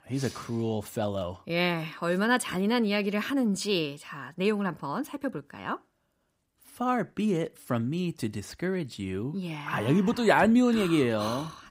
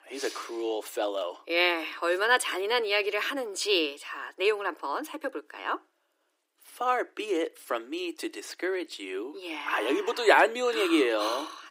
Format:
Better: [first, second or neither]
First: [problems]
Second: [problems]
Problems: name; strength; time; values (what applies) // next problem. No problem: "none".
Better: first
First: none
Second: thin; very; fading below 300 Hz